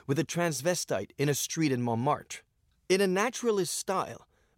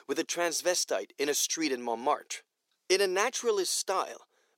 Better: first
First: none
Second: thin; somewhat; fading below 300 Hz

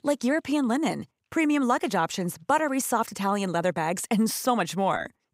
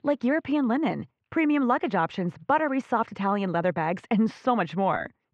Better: first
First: none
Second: muffled; very; fading above 3 kHz

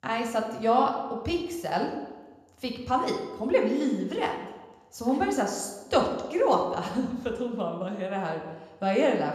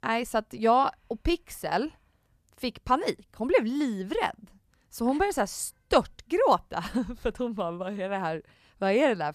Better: second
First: room echo; noticeable; dies away in 0.9 s // off-mic speech; somewhat distant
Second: none

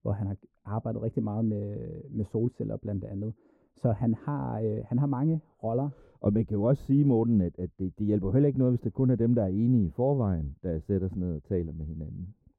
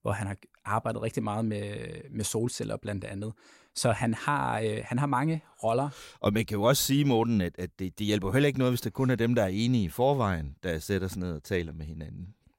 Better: second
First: muffled; very; fading above 1.5 kHz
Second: none

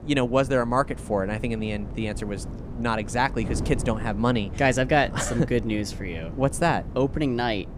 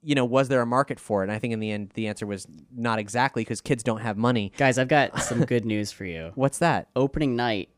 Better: second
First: wind noise on the microphone; occasional gusts; 15 dB below the speech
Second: none

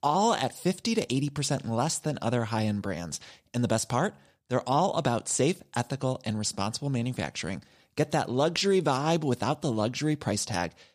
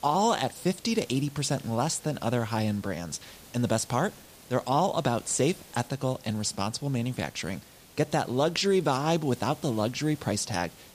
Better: first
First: none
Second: hiss; faint; throughout; 20 dB below the speech

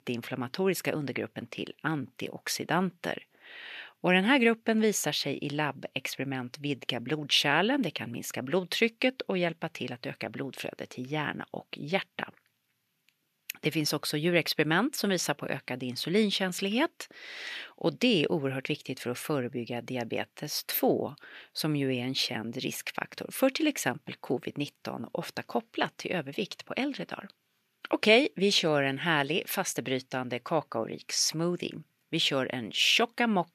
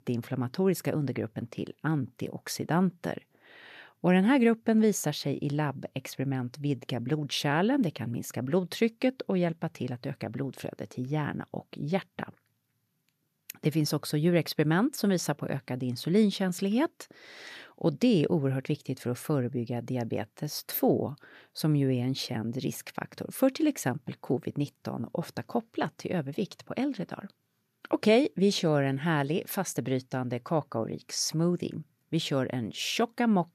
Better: second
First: thin; very slightly; fading below 350 Hz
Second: none

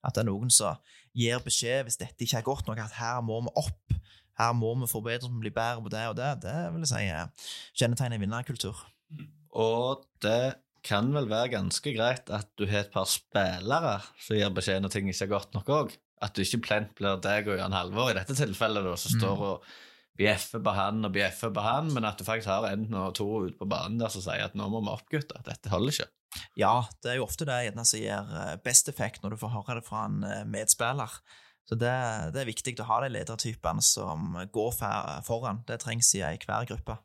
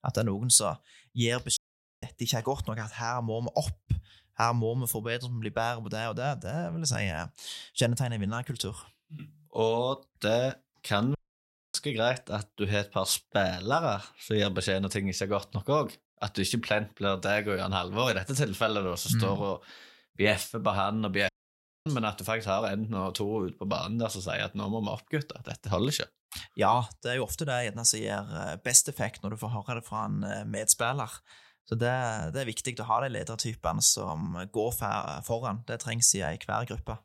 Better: first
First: none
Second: audio cutting out; at 1.5 s, at 11 s for 0.5 s and at 21 s for 0.5 s

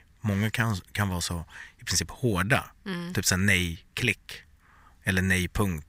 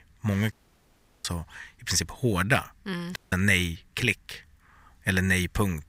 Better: first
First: none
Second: audio cutting out; at 0.5 s for 0.5 s and at 3 s

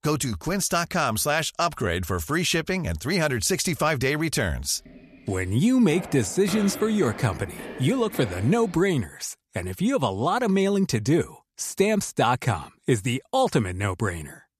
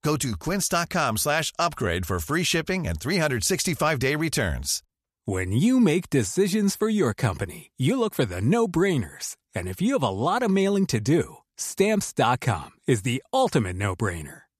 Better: second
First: footsteps; noticeable; from 5 to 9 s; peak 9 dB below the speech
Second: none

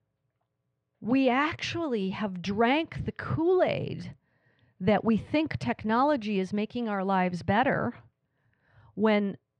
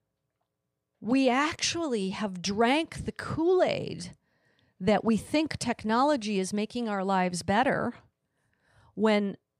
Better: second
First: muffled; slightly; fading above 2.5 kHz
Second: none

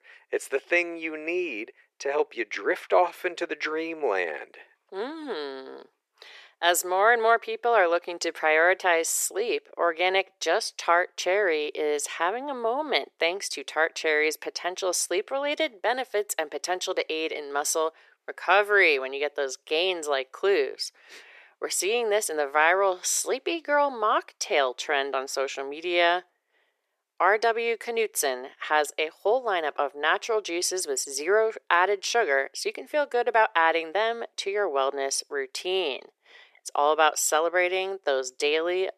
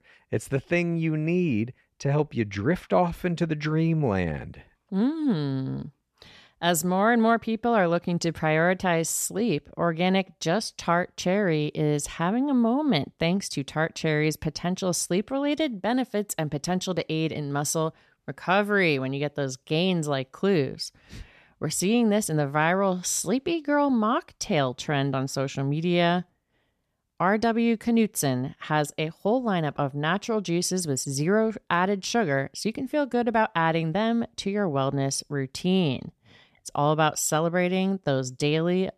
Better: second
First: thin; very; fading below 400 Hz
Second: none

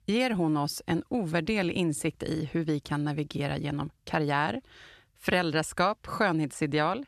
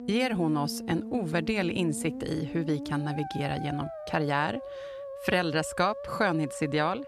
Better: first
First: none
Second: background music; loud; throughout; 10 dB below the speech

